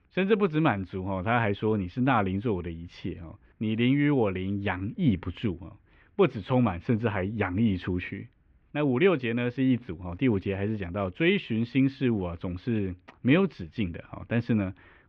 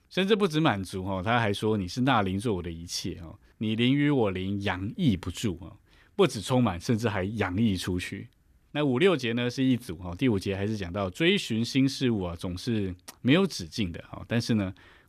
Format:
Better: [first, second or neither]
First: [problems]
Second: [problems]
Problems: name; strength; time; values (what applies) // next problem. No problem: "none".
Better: second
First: muffled; very; fading above 2.5 kHz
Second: none